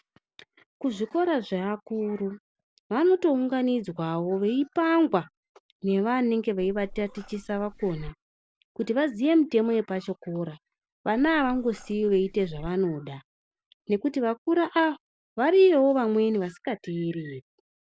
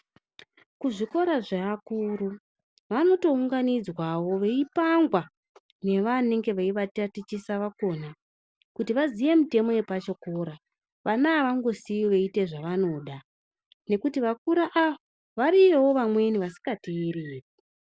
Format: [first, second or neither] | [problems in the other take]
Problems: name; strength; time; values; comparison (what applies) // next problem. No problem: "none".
second | background sound (Meow); 17 dB below the speech